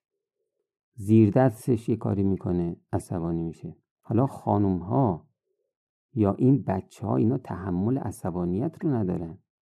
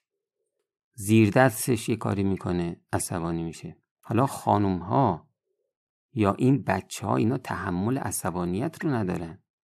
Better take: second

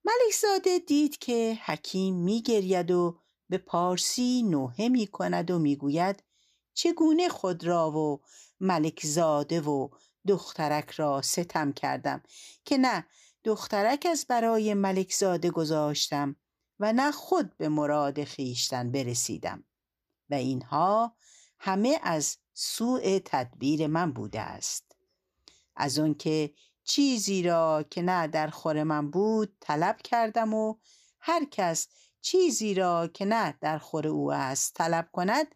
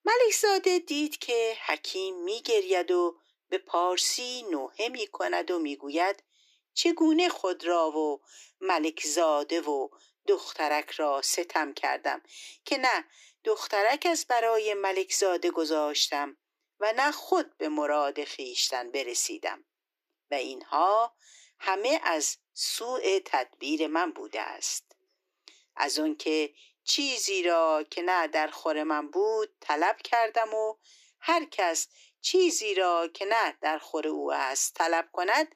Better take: first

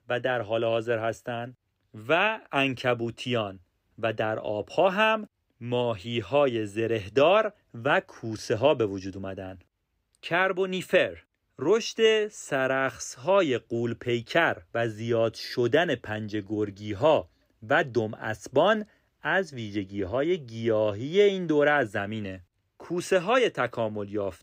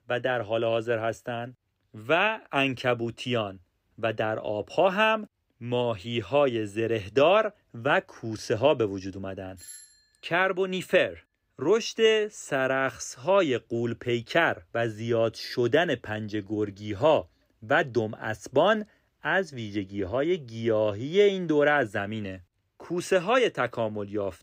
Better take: first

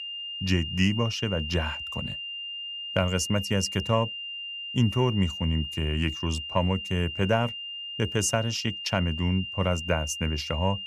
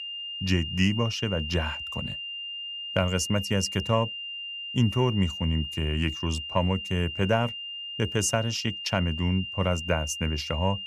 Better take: neither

